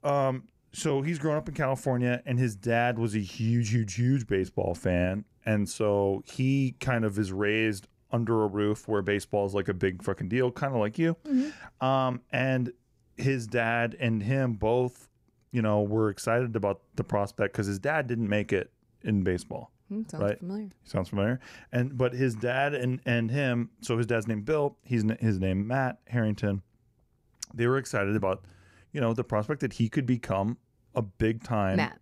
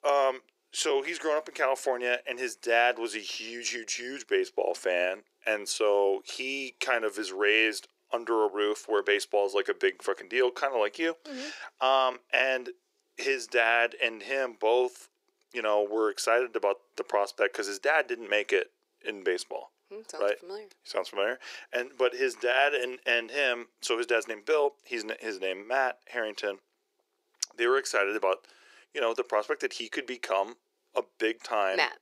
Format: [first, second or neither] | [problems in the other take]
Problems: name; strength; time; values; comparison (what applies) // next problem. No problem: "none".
first | thin; very; fading below 350 Hz